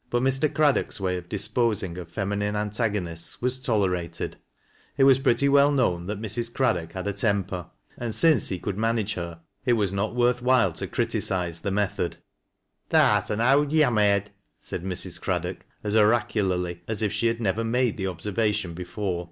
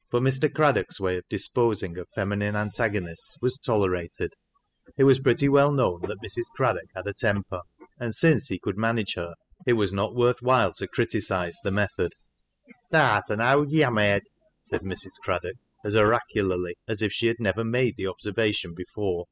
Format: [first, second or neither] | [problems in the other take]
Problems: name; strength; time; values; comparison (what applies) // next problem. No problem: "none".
first | noise reduction (classical method spectral subtraction)